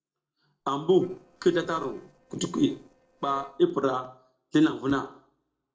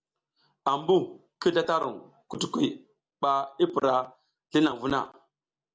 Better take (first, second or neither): second